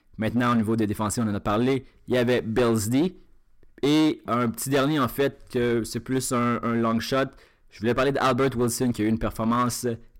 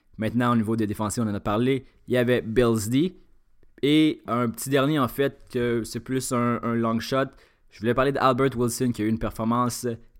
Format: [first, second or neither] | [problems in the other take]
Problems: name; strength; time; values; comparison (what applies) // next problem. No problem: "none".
second | distortion; slight; 9% of the sound clipped